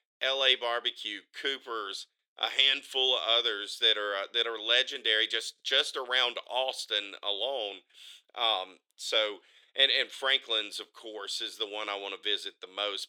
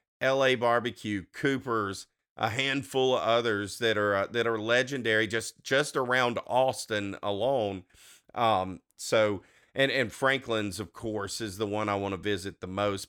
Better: second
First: thin; very; fading below 400 Hz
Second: none

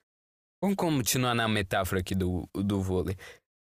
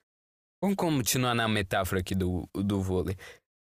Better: neither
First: none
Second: none

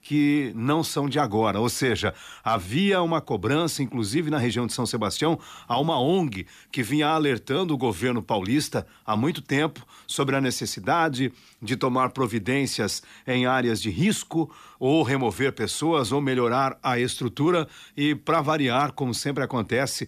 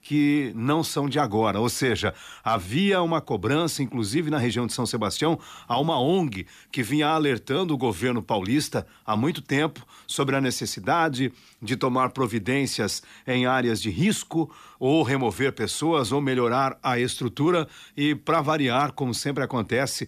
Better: neither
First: none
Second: none

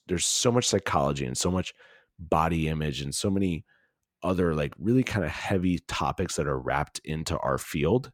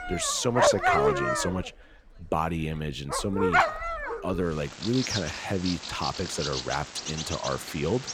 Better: first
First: none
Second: animal sounds; very loud; throughout; 1 dB above the speech

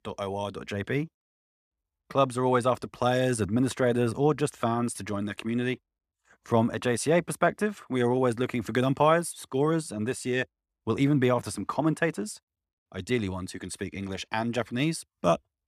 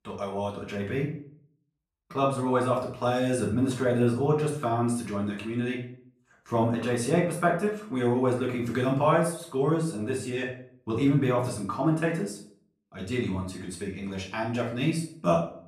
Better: first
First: none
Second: off-mic speech; far // room echo; noticeable; dies away in 0.4 s

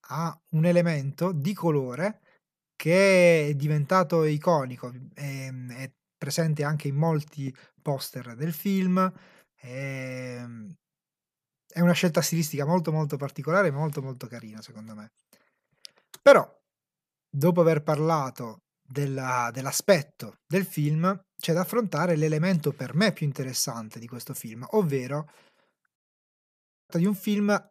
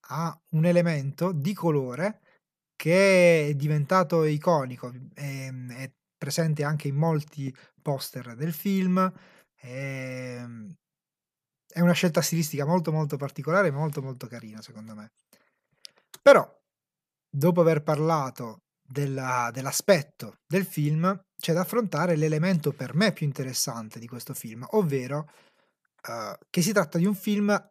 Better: second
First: audio cutting out; at 26 s for 1 s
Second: none

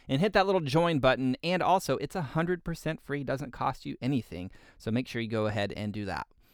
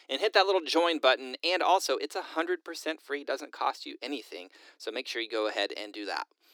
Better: first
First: none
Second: thin; very; fading below 300 Hz

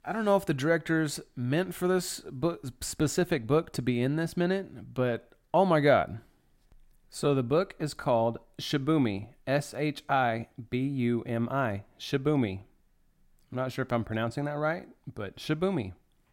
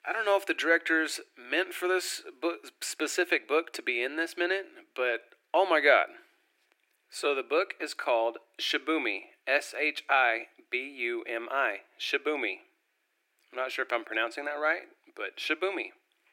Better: first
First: none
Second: thin; very; fading below 350 Hz

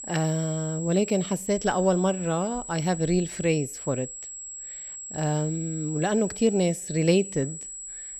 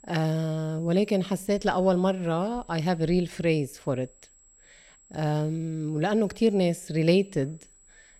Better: second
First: high-pitched whine; loud; throughout; 7.5 kHz, 10 dB below the speech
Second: high-pitched whine; faint; throughout; 7.5 kHz, 30 dB below the speech

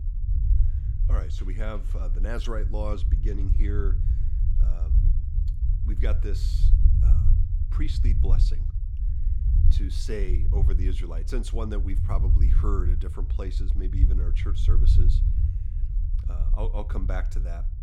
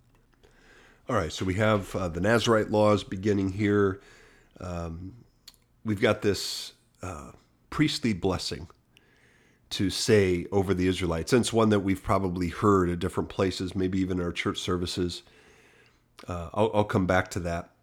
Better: second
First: low rumble; loud; throughout; 6 dB below the speech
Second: none

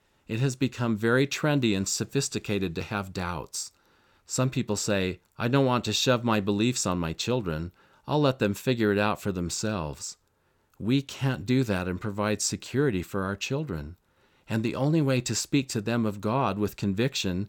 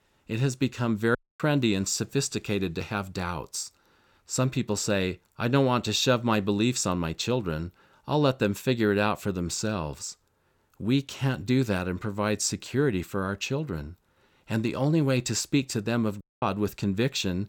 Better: first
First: none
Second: audio cutting out; at 1 s and at 16 s

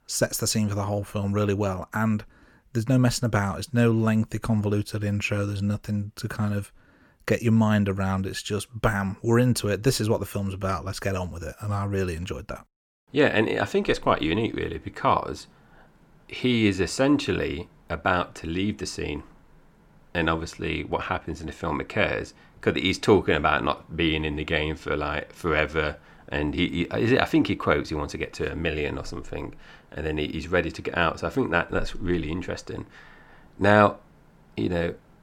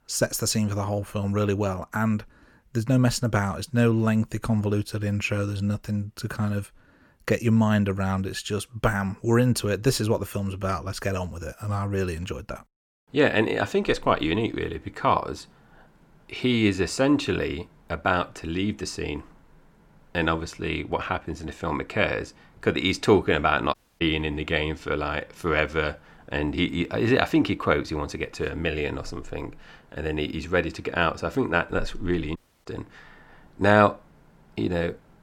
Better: first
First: none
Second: audio cutting out; at 24 s and at 32 s

